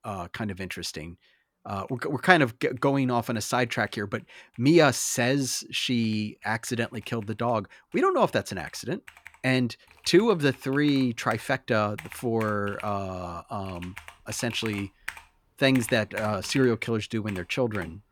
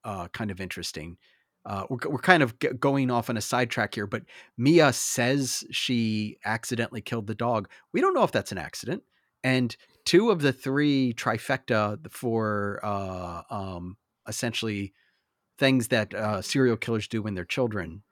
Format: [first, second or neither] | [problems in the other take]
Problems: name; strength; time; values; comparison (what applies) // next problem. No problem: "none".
second | household noises; noticeable; throughout; 20 dB below the speech